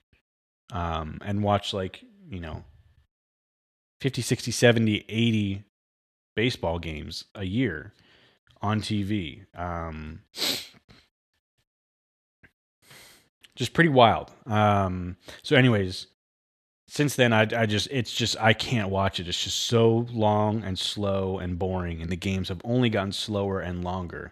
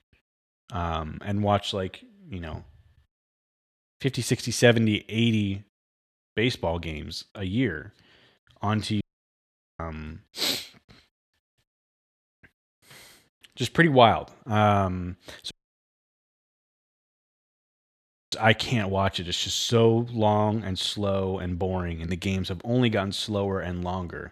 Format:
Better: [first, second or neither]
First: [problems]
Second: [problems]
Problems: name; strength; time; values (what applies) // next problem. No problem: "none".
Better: first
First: none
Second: audio cutting out; at 9 s for 1 s and at 16 s for 3 s